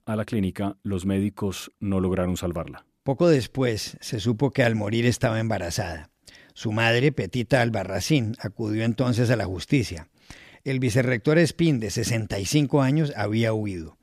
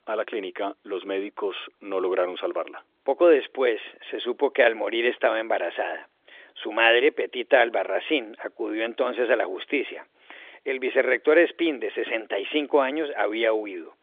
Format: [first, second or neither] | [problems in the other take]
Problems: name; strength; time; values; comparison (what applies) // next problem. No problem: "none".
first | phone-call audio; nothing above 3.5 kHz